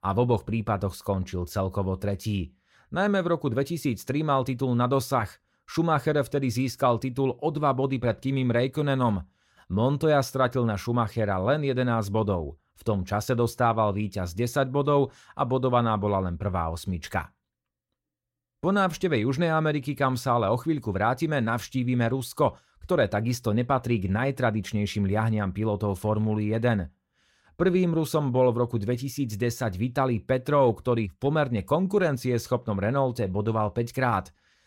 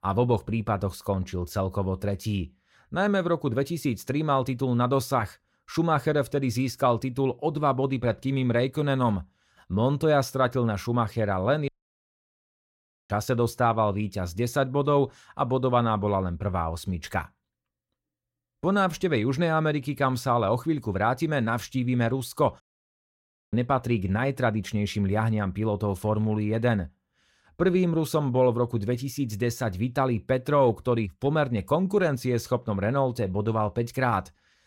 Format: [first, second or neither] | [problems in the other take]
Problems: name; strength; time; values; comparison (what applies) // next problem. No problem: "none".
first | audio cutting out; at 12 s for 1.5 s and at 23 s for 1 s